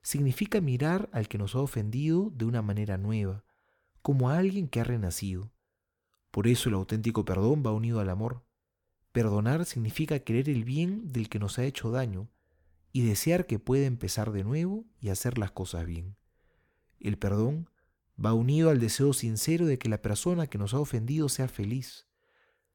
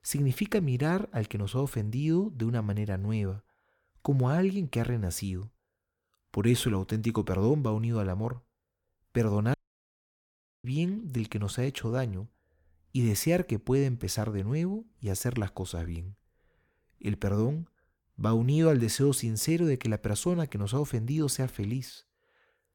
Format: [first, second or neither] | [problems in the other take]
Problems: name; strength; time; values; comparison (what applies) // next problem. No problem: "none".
first | audio cutting out; at 9.5 s for 1 s